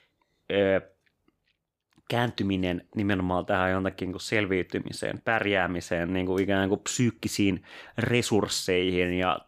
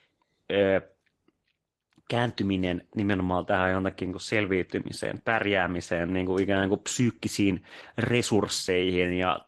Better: first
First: none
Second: garbled, watery; slightly; nothing above 12 kHz

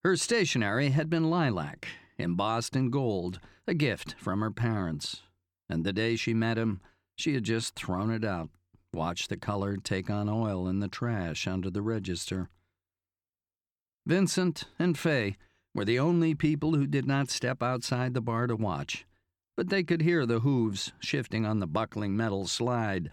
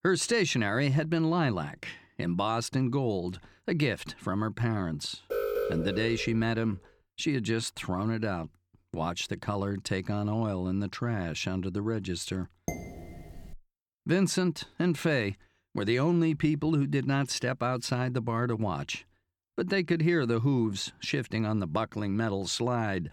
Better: first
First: none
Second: alarm; noticeable; from 5.5 to 6.5 s; peak 1 dB below the speech // clattering dishes; noticeable; at 13 s; peak 8 dB below the speech

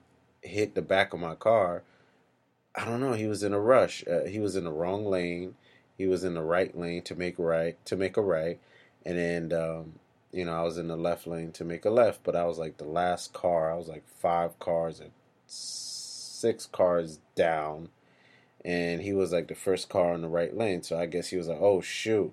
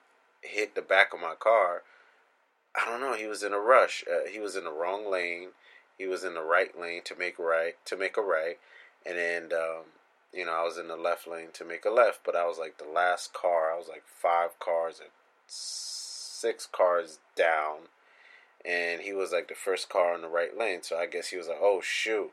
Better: first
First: none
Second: thin; very; fading below 450 Hz

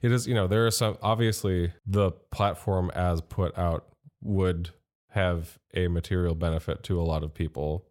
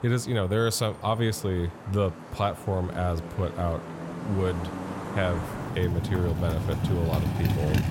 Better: first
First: none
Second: traffic noise; loud; throughout; 4 dB below the speech

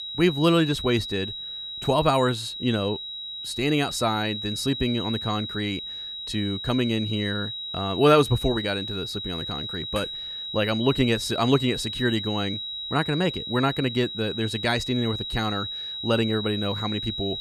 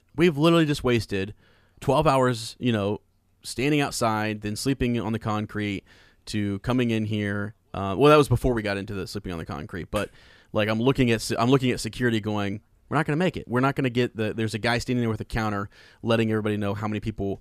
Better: second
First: high-pitched whine; loud; throughout; 4 kHz, 6 dB below the speech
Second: none

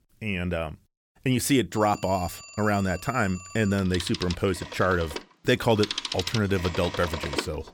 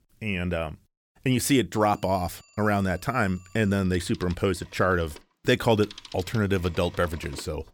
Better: second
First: alarms or sirens; loud; throughout; 9 dB below the speech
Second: alarms or sirens; faint; throughout; 20 dB below the speech

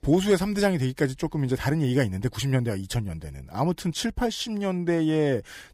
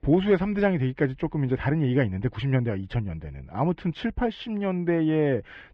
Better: first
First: none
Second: muffled; very; fading above 2.5 kHz

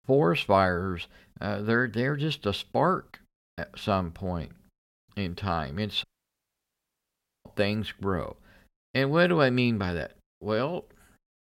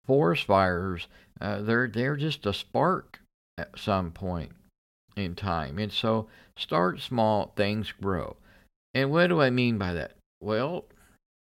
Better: second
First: audio cutting out; at 6 s for 1.5 s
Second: none

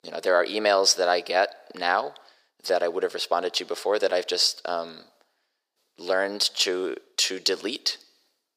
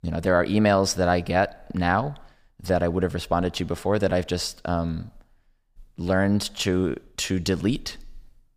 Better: second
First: thin; very; fading below 400 Hz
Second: none

